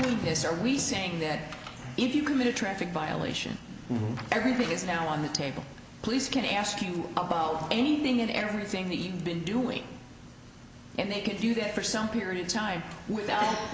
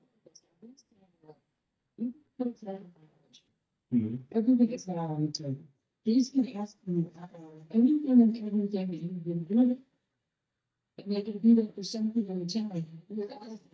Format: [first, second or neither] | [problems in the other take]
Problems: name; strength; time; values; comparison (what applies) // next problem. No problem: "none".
first | noise reduction (neural mask model DeepFilterNet 3)